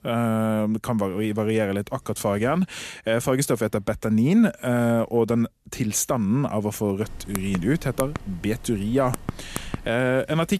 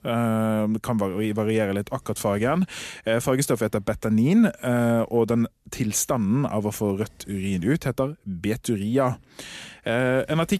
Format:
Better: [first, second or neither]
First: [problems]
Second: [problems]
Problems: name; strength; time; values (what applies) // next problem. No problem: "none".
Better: second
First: keyboard typing; noticeable; from 7 to 10 s; peak 10 dB below the speech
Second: none